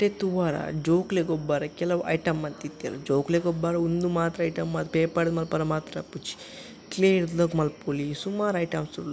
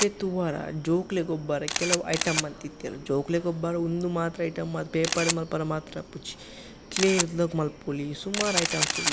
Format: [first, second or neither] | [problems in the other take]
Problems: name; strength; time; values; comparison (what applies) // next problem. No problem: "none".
first | background sound (Camera); 5 dB below the speech